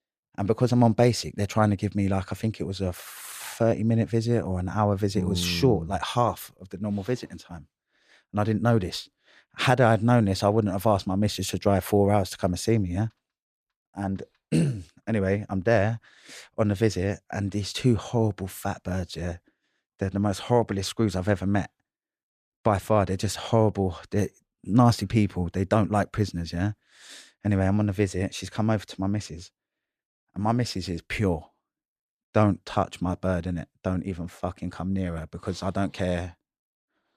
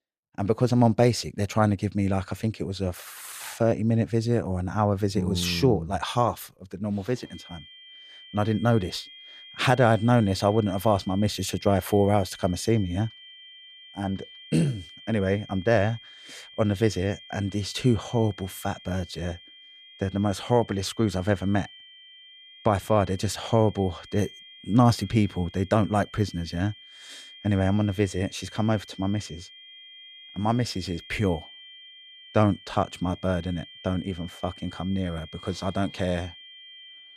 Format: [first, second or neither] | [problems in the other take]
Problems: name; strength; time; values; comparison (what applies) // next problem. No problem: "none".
first | high-pitched whine; noticeable; from 7.5 s on; 3 kHz, 20 dB below the speech